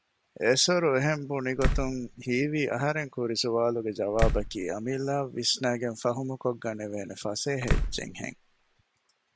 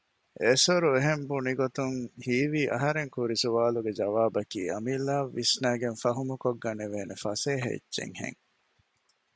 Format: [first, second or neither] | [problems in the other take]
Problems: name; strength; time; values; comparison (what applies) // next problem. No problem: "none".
second | background sound (Slam); 1 dB below the speech